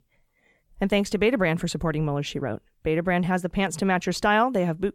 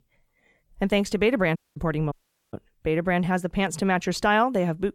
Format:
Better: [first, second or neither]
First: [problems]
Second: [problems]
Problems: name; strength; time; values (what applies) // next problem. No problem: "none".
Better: first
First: none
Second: audio cutting out; at 1.5 s and at 2 s